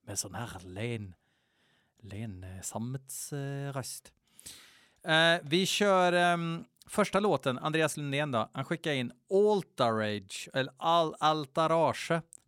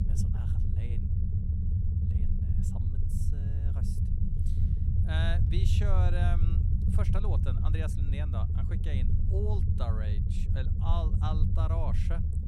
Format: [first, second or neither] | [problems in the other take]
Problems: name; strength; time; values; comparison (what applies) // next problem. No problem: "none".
first | low rumble; loud; throughout; 3 dB below the speech